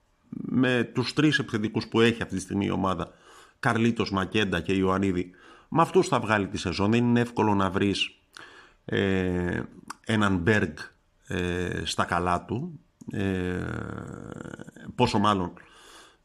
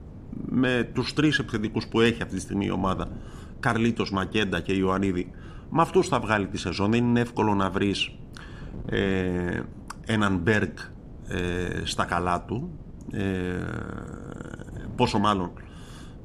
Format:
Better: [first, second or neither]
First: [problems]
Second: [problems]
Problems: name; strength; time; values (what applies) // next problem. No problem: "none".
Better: first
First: none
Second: wind noise on the microphone; occasional gusts; 25 dB below the speech